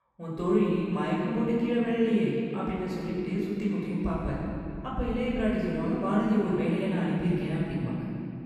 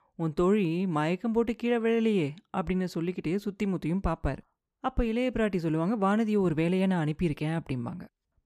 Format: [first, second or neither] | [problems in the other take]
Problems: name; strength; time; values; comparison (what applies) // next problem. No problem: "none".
second | off-mic speech; far // room echo; strong; dies away in 2.8 s